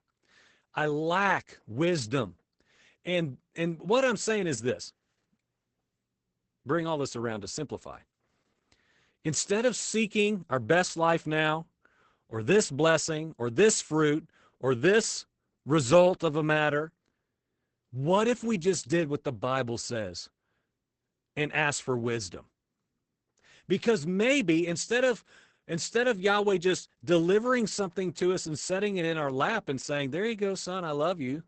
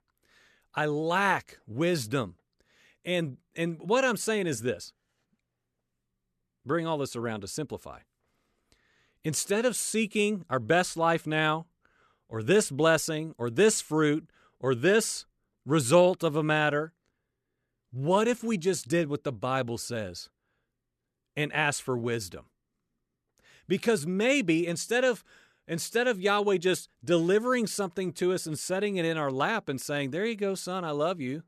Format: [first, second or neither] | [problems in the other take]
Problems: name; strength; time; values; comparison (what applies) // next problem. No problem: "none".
second | garbled, watery; badly; nothing above 8 kHz